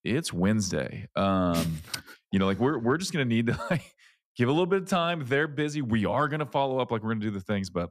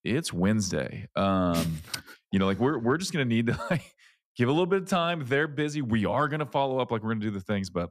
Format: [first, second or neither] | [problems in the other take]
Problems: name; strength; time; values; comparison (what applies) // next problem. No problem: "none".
neither | none